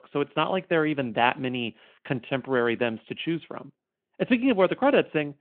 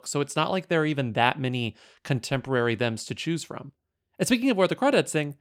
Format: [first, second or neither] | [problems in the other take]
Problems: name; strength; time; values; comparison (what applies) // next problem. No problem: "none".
second | phone-call audio